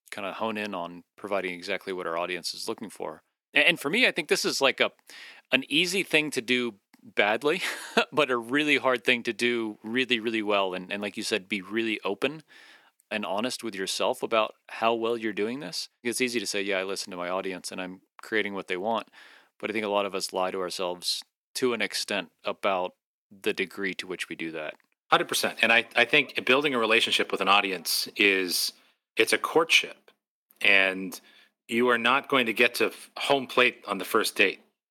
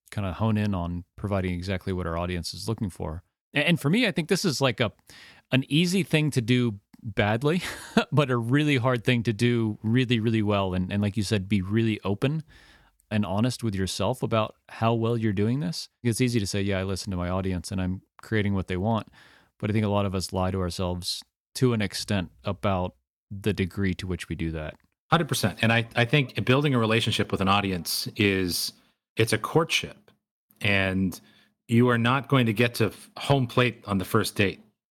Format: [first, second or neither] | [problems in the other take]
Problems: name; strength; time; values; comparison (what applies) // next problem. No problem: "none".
second | thin; somewhat; fading below 300 Hz